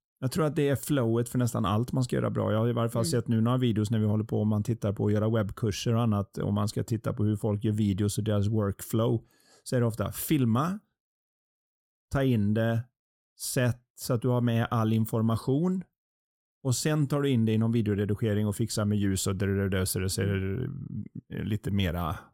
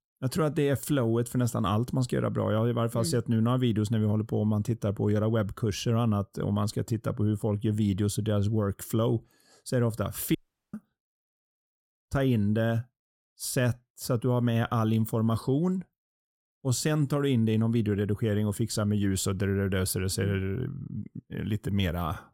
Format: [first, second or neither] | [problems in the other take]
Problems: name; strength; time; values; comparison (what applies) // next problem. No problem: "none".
first | audio cutting out; at 10 s